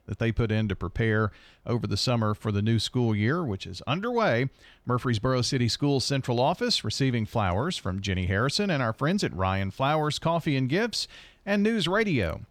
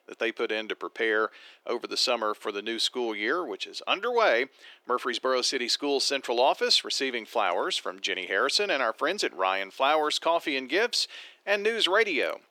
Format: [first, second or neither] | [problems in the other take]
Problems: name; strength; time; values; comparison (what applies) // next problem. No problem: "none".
first | thin; very; fading below 350 Hz